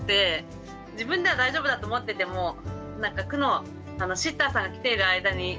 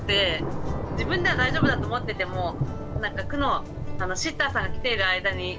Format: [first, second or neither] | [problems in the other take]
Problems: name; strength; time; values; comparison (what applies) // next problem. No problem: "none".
first | background sound (Thunder / Rain); 2 dB below the speech